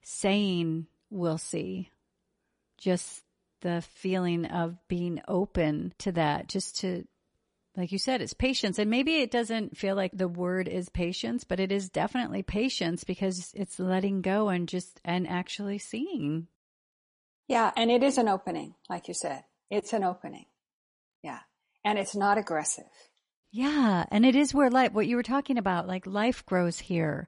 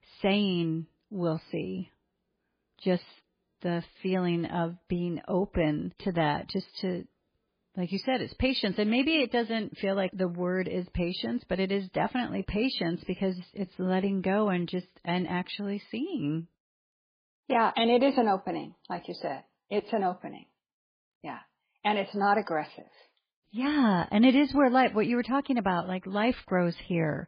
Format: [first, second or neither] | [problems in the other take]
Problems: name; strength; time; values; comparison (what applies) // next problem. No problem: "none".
first | garbled, watery; badly; nothing above 5 kHz; slightly in the first